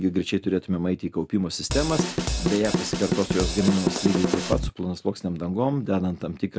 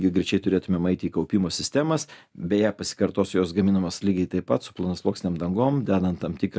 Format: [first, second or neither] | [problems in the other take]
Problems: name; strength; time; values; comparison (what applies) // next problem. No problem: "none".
second | background sound (Drum kit); as loud as the speech